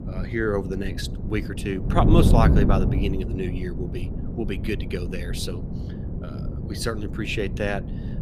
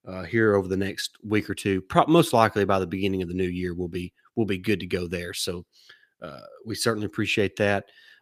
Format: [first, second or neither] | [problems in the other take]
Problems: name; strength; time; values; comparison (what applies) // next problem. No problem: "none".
second | wind noise on the microphone; heavy; 7 dB below the speech